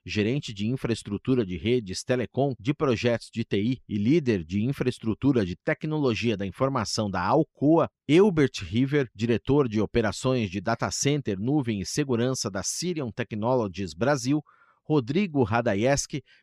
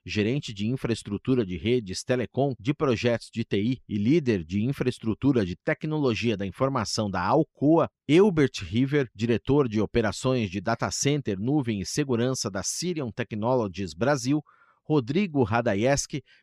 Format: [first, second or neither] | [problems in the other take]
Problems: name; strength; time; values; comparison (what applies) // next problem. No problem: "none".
neither | none